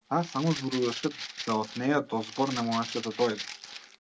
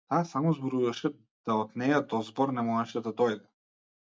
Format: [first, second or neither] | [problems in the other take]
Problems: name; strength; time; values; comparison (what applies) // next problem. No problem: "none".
second | background sound (Rattle (instrument)); 11 dB below the speech